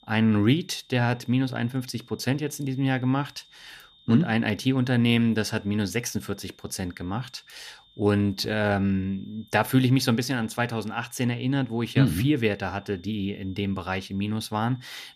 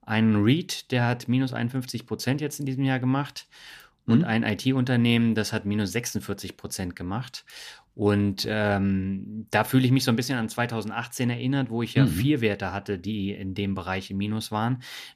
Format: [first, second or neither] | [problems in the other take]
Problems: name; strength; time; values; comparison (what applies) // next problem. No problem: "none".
second | high-pitched whine; faint; throughout; 3.5 kHz, 30 dB below the speech